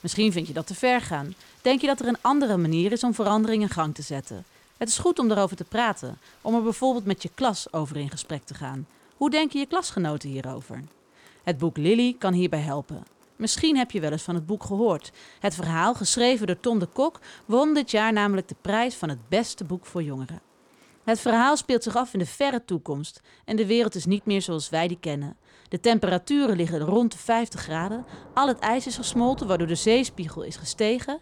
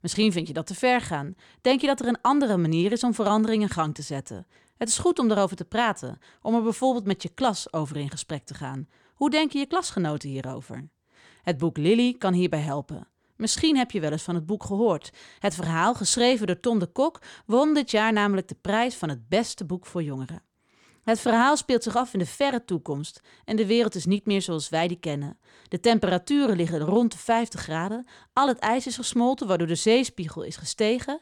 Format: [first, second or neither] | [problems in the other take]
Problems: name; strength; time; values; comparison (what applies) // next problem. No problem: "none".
second | rain or running water; faint; throughout; 25 dB below the speech